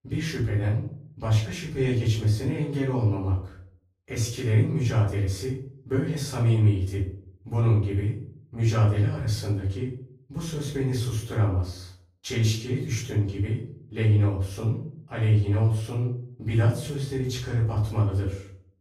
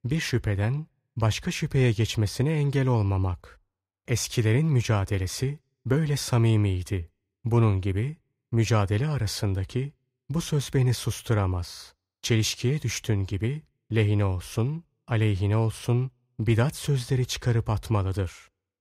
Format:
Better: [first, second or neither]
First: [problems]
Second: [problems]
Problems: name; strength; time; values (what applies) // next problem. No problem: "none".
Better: second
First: off-mic speech; far // room echo; noticeable; dies away in 0.5 s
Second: none